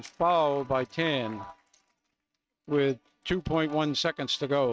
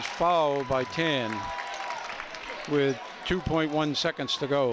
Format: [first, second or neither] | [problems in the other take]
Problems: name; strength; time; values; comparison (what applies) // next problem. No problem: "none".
second | noise reduction (neural mask model RNNoise)